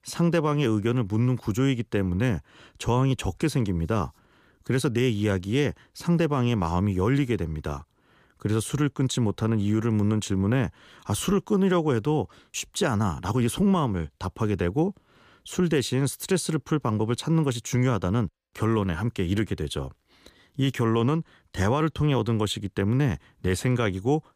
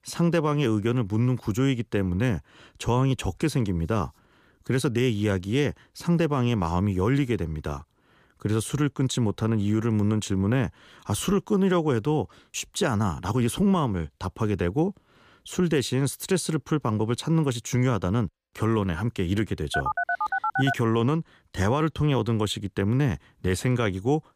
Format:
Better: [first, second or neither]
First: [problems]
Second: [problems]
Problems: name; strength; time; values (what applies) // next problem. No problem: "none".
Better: first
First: none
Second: phone ringing; noticeable; from 20 to 21 s; peak 1 dB below the speech